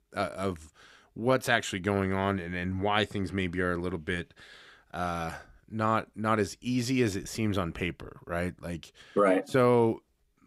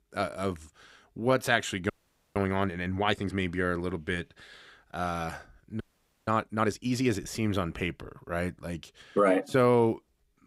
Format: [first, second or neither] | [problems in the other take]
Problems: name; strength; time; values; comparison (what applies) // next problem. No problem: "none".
first | audio freezing; at 2 s and at 6 s